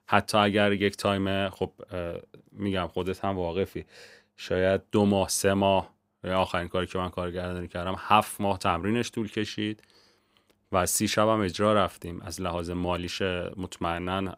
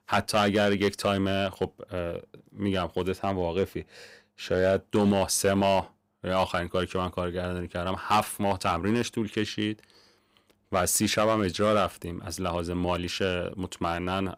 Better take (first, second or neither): first